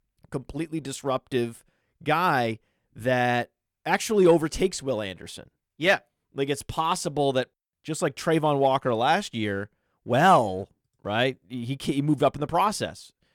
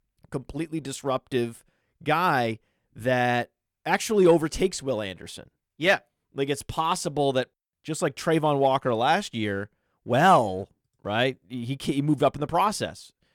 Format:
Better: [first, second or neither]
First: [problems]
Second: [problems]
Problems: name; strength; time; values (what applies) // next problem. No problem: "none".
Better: neither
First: none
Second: none